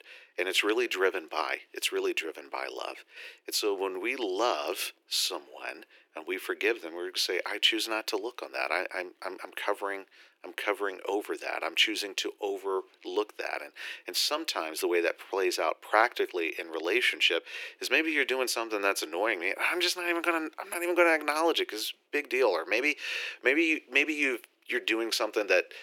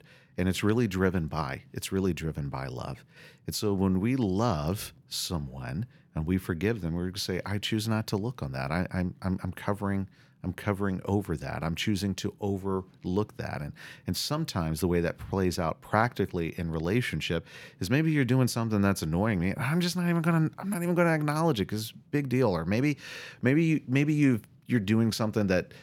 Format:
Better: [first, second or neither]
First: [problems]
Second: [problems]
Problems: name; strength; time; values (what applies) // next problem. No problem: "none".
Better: second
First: thin; very; fading below 350 Hz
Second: none